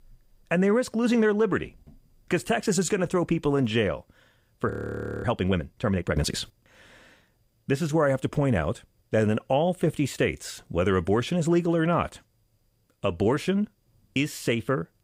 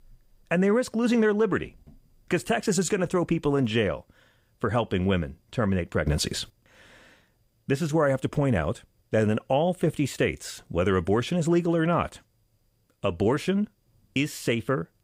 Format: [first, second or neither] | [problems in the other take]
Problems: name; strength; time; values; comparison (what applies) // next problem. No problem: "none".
second | audio freezing; at 4.5 s for 0.5 s